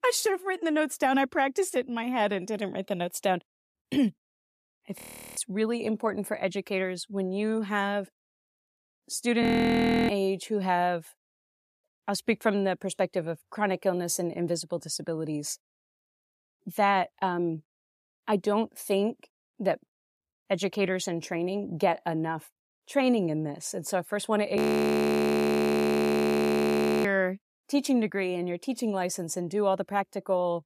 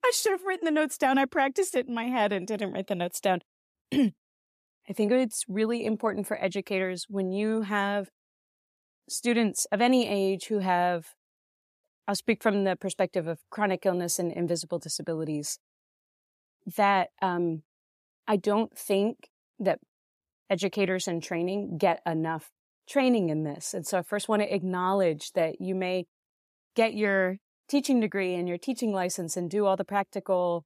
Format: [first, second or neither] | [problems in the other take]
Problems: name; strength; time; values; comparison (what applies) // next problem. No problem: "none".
second | audio freezing; at 5 s, at 9.5 s for 0.5 s and at 25 s for 2.5 s